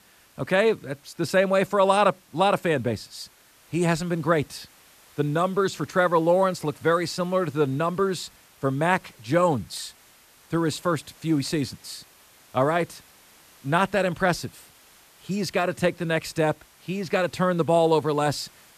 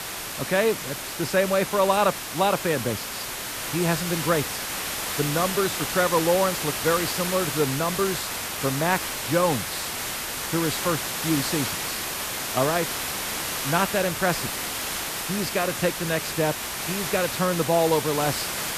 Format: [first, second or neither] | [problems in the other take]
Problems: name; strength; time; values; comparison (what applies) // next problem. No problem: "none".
first | hiss; loud; throughout; 3 dB below the speech; faint in the first